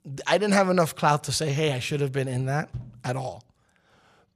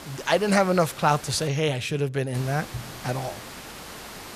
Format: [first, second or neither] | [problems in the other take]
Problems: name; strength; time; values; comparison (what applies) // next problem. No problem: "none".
first | hiss; noticeable; until 1.5 s and from 2.5 s on; 15 dB below the speech